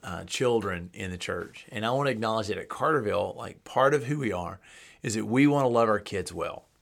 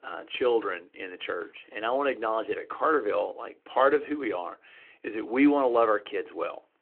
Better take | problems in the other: first | phone-call audio

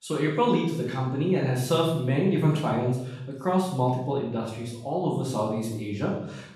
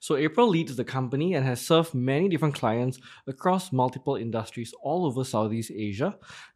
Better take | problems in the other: second | room echo; noticeable; dies away in 0.7 s // off-mic speech; far

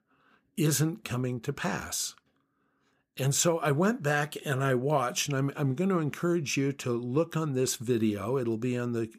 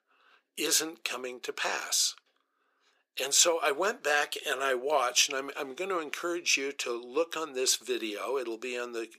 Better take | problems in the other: first | thin; very; fading below 400 Hz

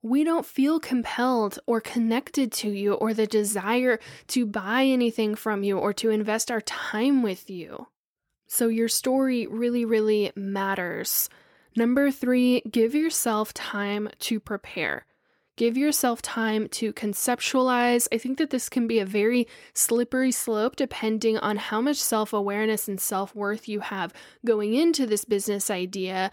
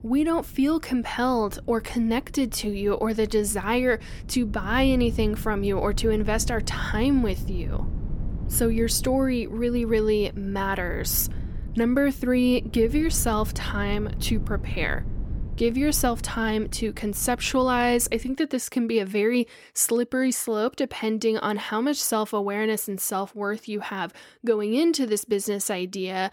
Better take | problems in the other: first | low rumble; faint; until 18 s; 20 dB below the speech

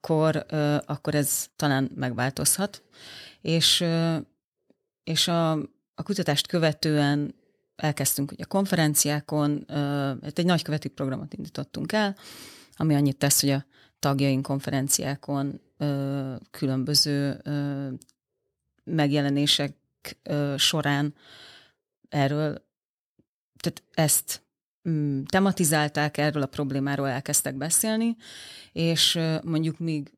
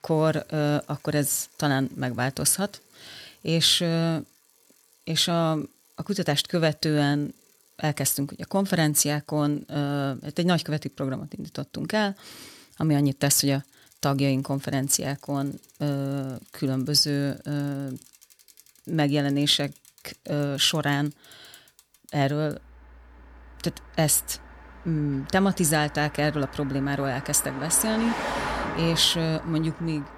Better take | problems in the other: first | traffic noise; noticeable; throughout; 15 dB below the speech

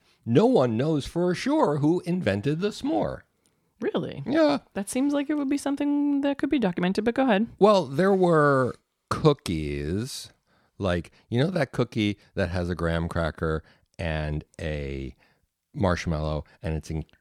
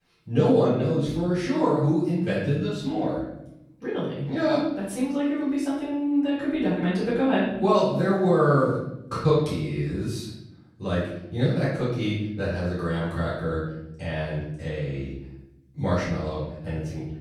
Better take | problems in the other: first | room echo; noticeable; dies away in 0.9 s // off-mic speech; far

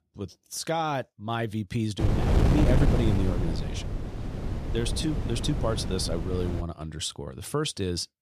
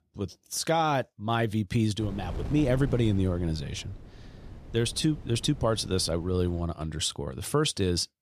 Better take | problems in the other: second | wind noise on the microphone; heavy; from 2 to 6.5 s; 3 dB below the speech; occasional gusts in the second

